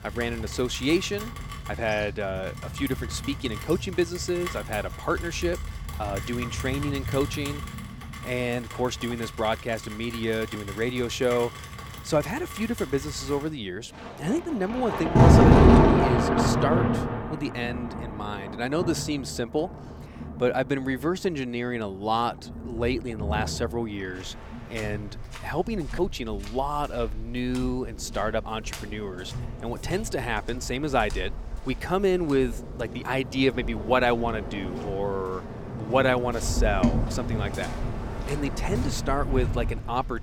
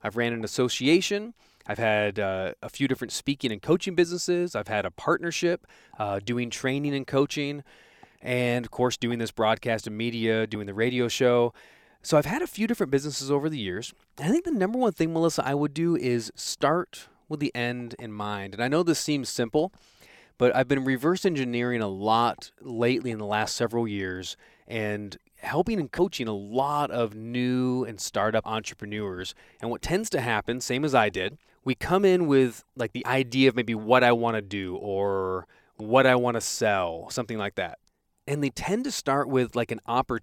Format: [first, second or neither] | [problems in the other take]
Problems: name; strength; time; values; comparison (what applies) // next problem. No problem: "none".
second | rain or running water; very loud; throughout; as loud as the speech